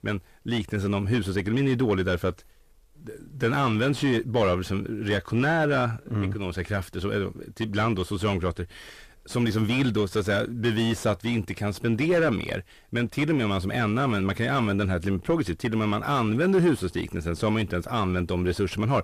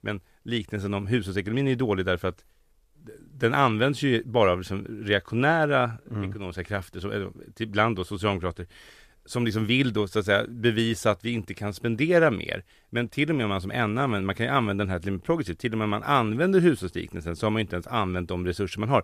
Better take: second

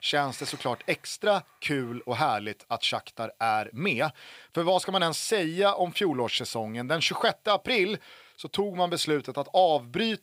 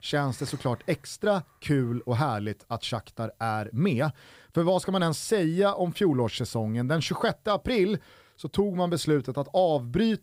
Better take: second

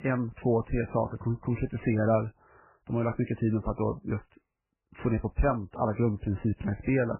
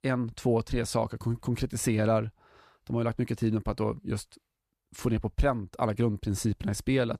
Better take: second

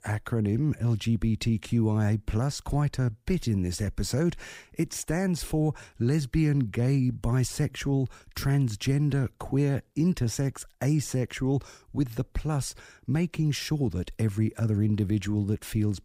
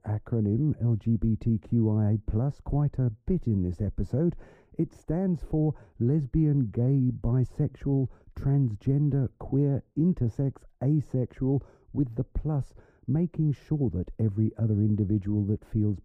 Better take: first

